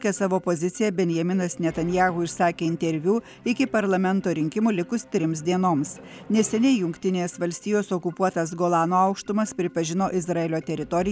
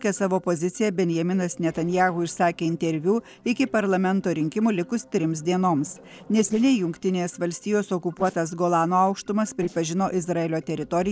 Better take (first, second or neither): first